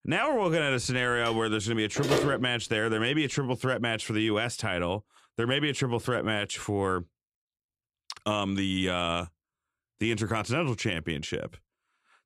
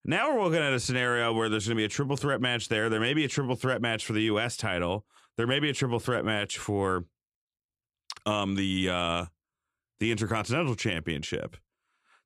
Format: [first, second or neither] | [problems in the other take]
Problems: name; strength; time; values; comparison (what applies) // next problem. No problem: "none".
second | phone ringing; loud; from 1.5 to 2.5 s; peak level with the speech